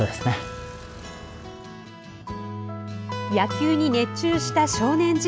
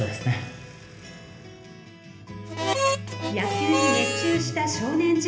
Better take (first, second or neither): first